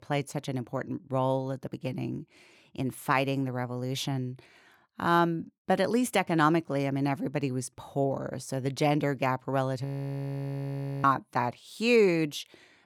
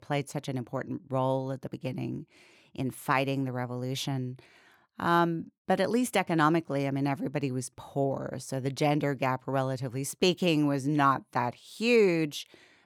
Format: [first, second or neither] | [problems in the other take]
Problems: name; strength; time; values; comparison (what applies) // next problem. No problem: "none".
second | audio freezing; at 10 s for 1 s